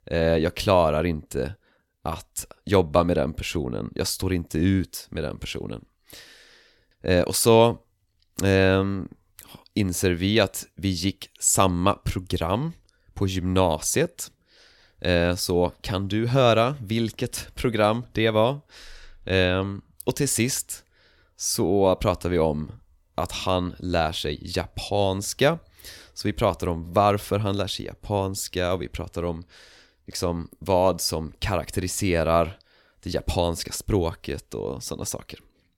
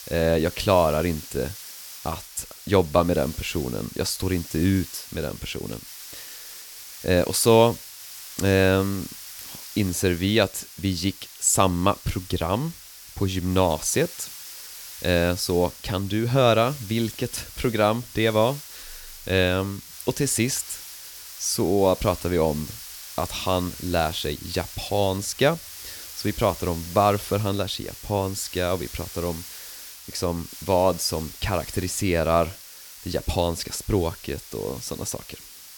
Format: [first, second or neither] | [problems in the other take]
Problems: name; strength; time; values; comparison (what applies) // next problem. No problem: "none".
first | hiss; noticeable; throughout; 15 dB below the speech